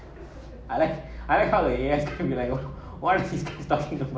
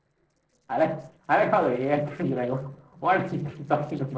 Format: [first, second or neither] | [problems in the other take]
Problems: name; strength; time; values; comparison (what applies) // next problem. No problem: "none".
first | noise reduction (neural separator model SepFormer DNS4)